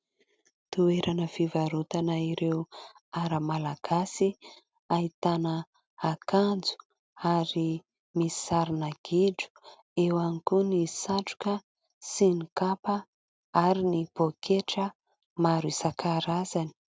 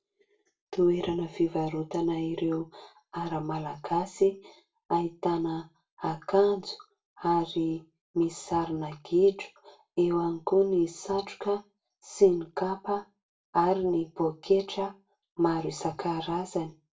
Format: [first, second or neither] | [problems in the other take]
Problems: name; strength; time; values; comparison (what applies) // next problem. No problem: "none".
first | room echo; dies away in 0.2 s